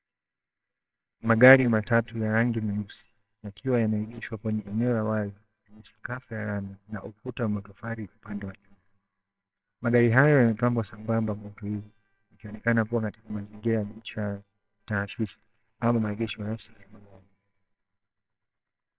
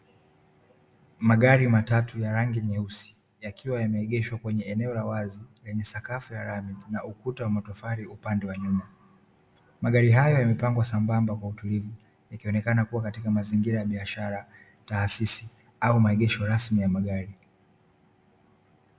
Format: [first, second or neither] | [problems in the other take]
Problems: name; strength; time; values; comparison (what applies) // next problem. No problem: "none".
second | noise reduction (neural separator model SepFormer WHAMR!)